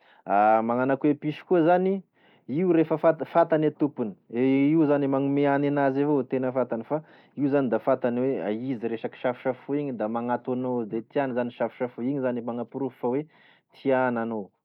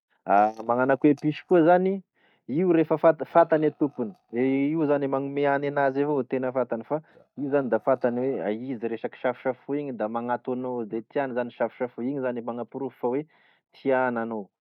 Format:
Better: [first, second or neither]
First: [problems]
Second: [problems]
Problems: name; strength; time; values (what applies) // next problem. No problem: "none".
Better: first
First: none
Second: noise reduction (neural mask model DeepFilterNet 3)